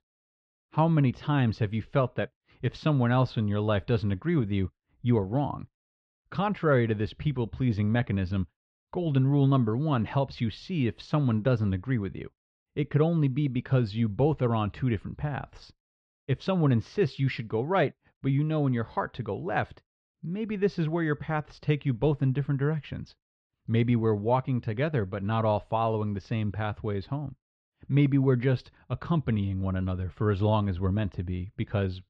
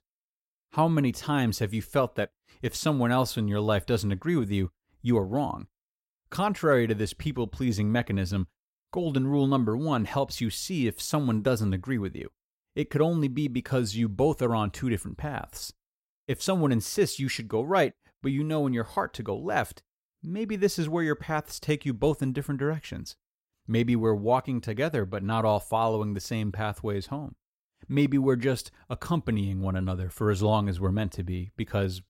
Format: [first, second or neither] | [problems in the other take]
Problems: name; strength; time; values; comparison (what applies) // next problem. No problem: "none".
second | muffled; slightly; fading above 3.5 kHz